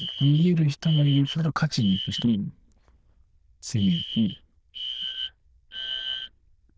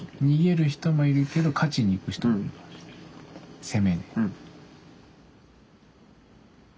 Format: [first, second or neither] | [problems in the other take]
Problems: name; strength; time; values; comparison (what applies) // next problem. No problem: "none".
second | noise reduction (neural diffusion model UNIVERSE++)